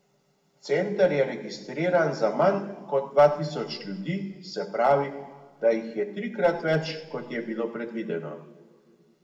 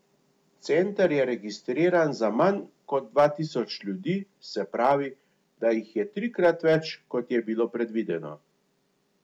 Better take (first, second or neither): second